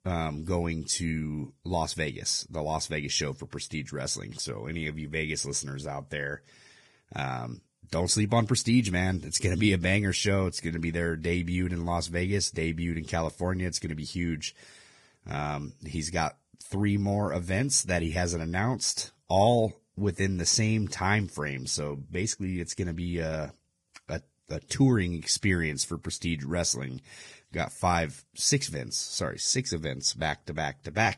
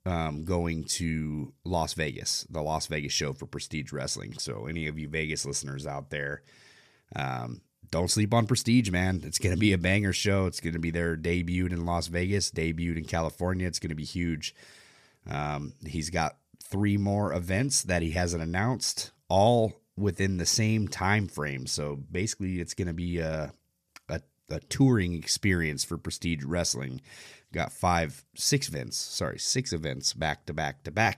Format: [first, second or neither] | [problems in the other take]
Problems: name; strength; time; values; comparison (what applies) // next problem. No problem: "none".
second | garbled, watery; badly; nothing above 10.5 kHz